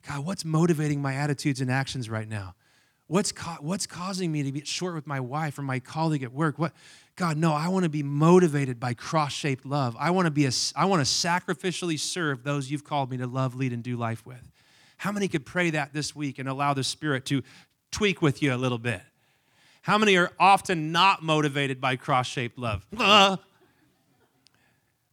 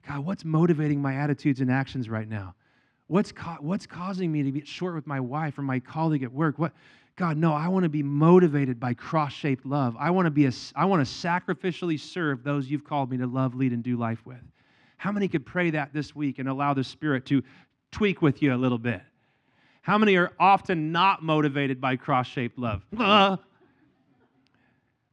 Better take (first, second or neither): first